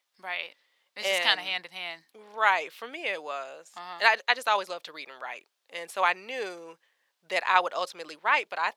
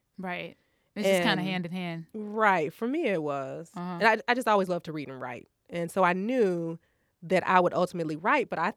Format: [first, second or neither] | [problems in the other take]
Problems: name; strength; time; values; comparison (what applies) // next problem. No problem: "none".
second | thin; very; fading below 800 Hz